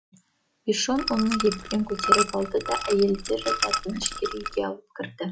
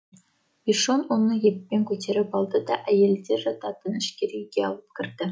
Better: second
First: background sound (Liquid); 2 dB below the speech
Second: none

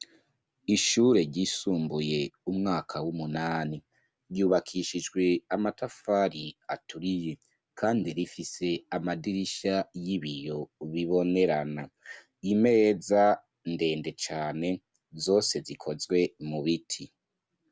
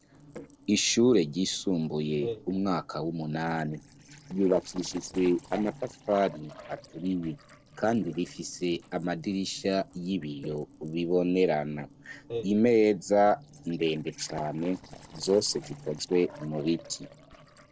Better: first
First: none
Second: noise reduction (neural separator model SepFormer DNS4)

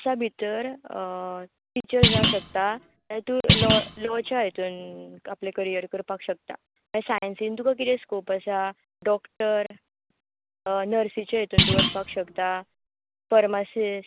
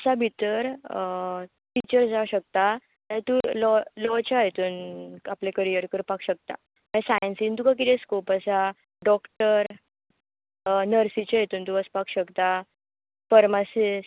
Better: second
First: background sound (Thump, thud); 3 dB above the speech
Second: none

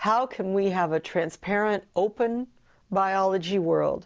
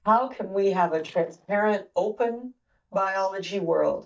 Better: first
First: none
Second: noise reduction (neural mask model DeepFilterNet 3)

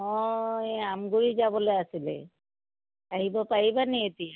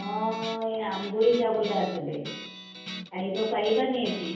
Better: first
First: none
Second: background sound (Guitar); 12 dB below the speech // room echo; dies away in 0.9 s

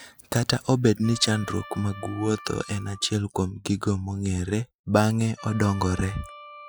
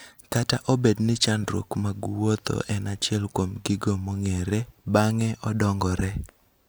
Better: second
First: noise reduction (classical method Wiener filter)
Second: none

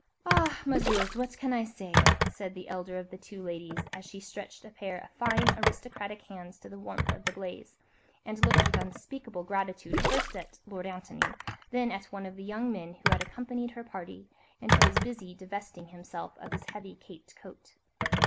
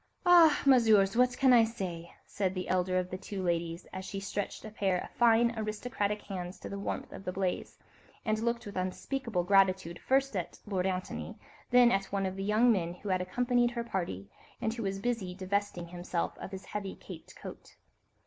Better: second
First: background sound (Gurgling + Telephone); 4 dB above the speech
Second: none

